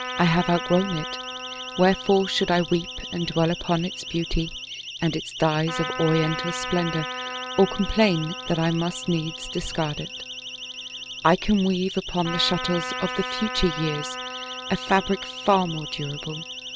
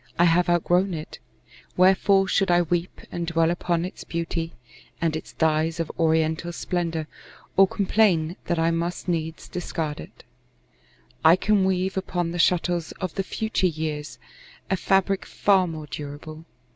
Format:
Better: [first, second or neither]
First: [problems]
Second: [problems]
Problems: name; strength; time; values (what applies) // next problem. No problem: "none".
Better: second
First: background sound (Siren + Trumpet); 9 dB below the speech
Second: none